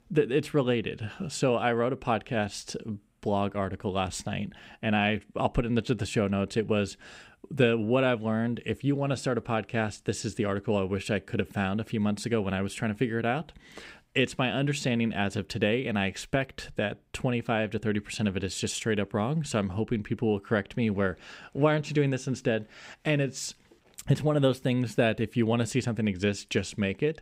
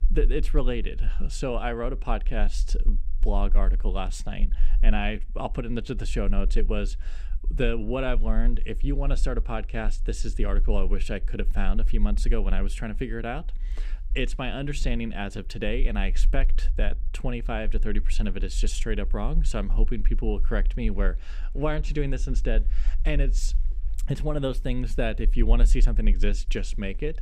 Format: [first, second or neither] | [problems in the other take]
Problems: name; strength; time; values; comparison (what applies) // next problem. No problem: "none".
first | low rumble; faint; throughout; 25 dB below the speech